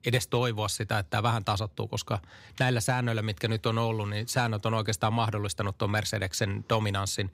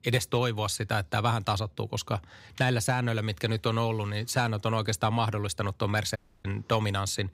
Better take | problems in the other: first | audio cutting out; at 6 s

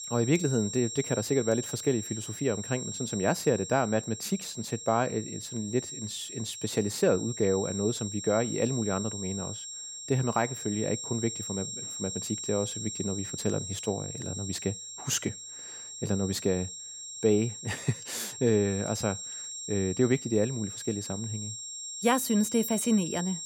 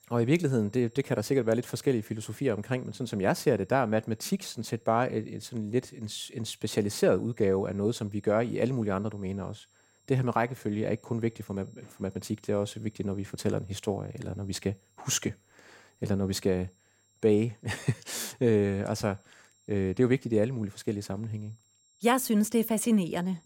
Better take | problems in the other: second | high-pitched whine; loud; throughout; 7.5 kHz, 7 dB below the speech; faint in the second

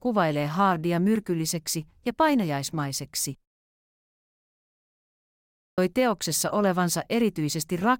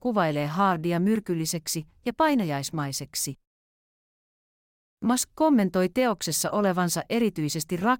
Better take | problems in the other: second | audio cutting out; at 5 s for 1 s

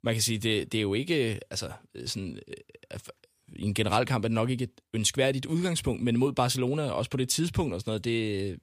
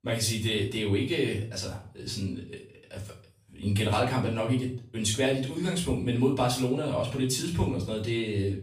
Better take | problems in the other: first | off-mic speech; far // room echo; slight; dies away in 0.4 s

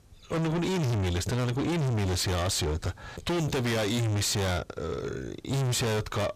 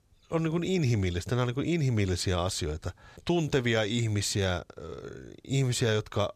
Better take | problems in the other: second | distortion; heavy; 6 dB below the speech

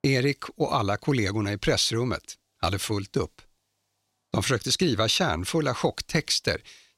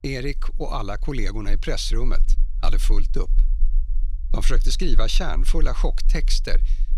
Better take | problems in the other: first | low rumble; faint; throughout; 25 dB below the speech

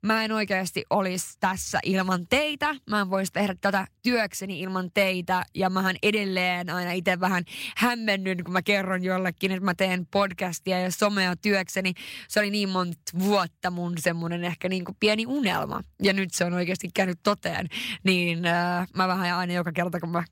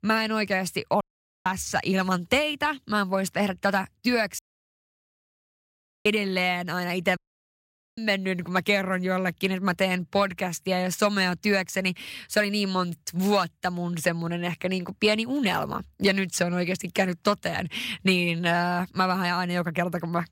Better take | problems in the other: first | audio cutting out; at 1 s, at 4.5 s for 1.5 s and at 7 s for 1 s

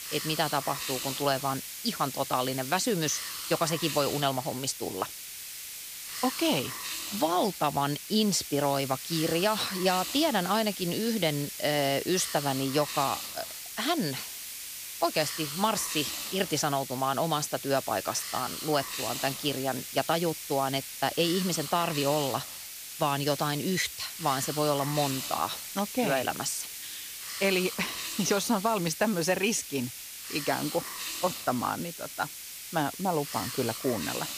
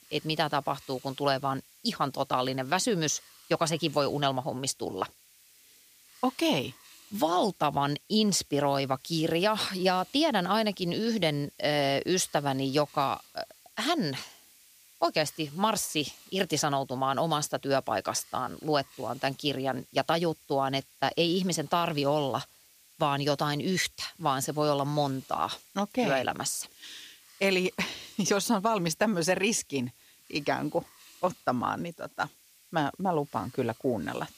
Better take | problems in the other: second | hiss; loud; throughout; 6 dB below the speech; faint in the second

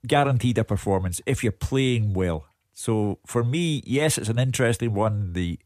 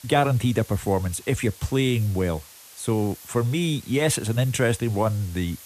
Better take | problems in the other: first | hiss; noticeable; throughout; 20 dB below the speech

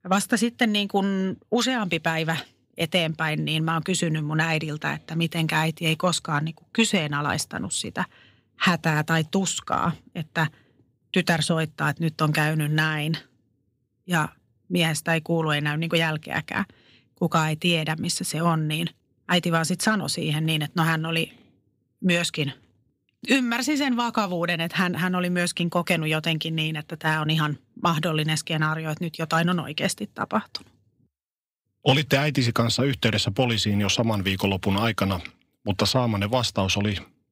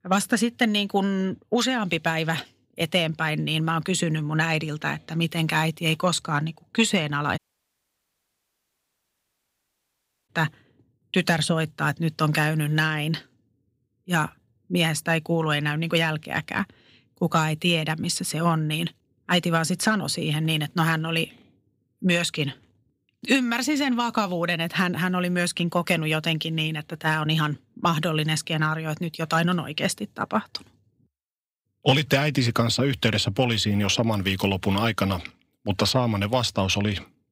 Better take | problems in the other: first | audio cutting out; at 7.5 s for 3 s

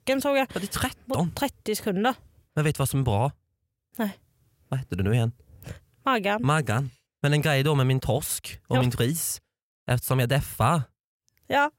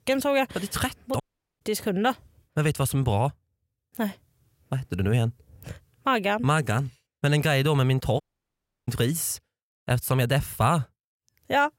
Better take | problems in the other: first | audio cutting out; at 1 s and at 8 s for 0.5 s

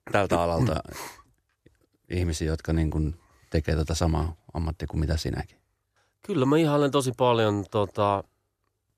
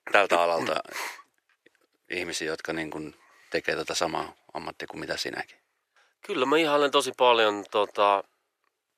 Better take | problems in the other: first | thin; very; fading below 450 Hz

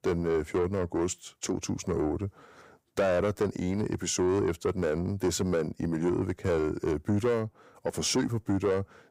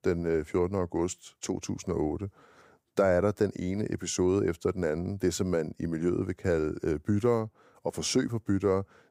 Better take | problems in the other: second | distortion; slight; 10 dB below the speech

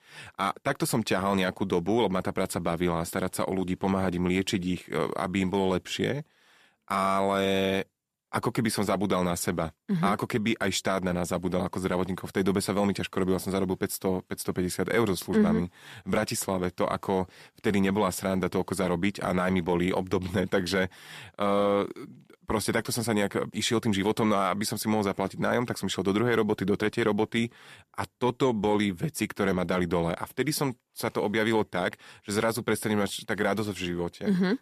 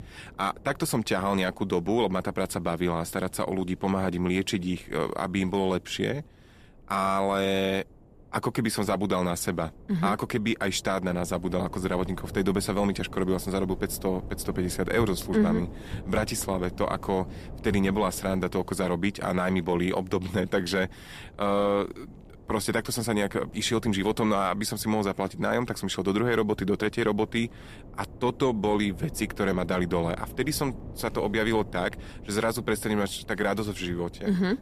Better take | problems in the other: first | wind noise on the microphone; occasional gusts; 20 dB below the speech

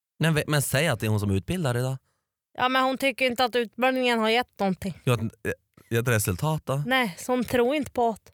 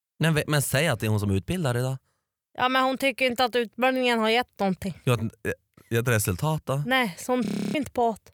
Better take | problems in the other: first | audio freezing; at 7.5 s

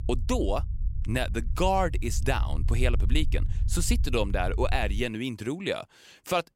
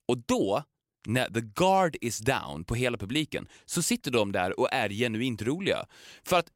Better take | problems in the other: second | low rumble; noticeable; until 5 s; 20 dB below the speech

